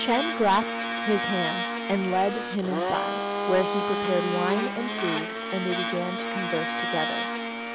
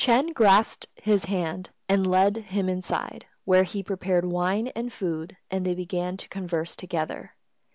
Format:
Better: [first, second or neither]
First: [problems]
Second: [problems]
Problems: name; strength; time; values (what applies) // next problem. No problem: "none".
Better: second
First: background sound (Domestic sounds, home sounds); 1 dB below the speech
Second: none